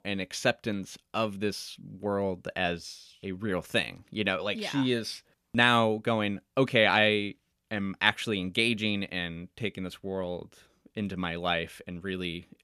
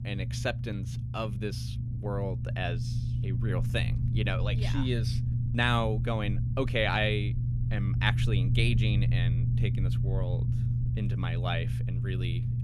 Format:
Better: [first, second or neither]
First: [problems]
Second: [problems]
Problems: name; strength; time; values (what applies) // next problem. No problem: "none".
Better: first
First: none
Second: low rumble; loud; throughout; 9 dB below the speech